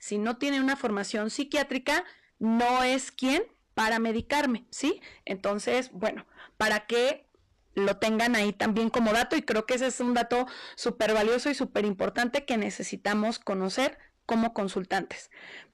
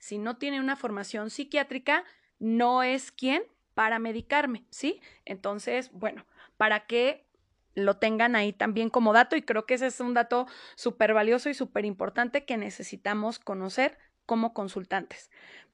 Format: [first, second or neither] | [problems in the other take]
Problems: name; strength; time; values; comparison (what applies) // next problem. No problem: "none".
second | distortion; heavy; 15% of the sound clipped